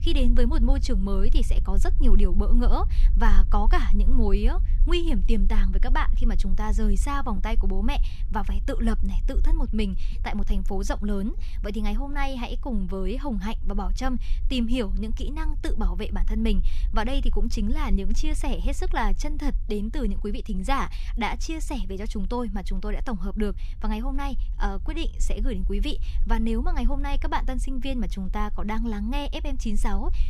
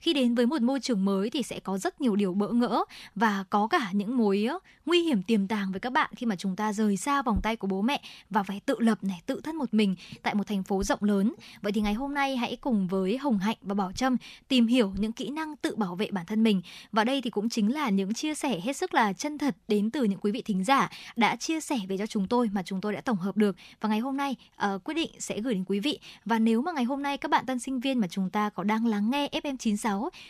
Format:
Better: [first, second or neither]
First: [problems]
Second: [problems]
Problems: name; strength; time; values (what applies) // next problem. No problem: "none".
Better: second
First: low rumble; faint; throughout; 20 dB below the speech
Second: none